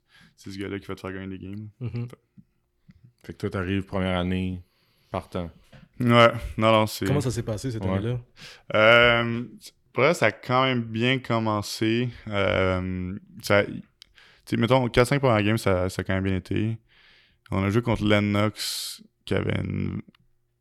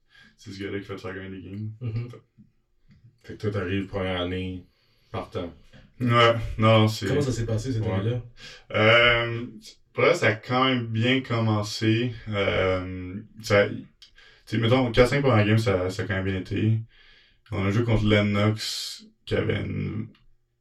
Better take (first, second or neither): first